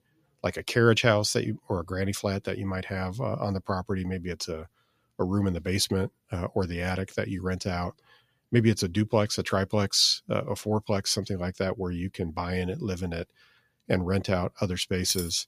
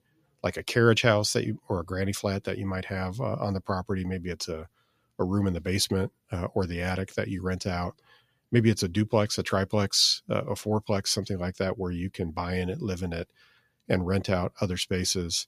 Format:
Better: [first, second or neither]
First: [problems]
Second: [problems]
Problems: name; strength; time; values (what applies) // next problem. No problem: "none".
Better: second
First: jangling keys; noticeable; at 15 s; peak 6 dB below the speech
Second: none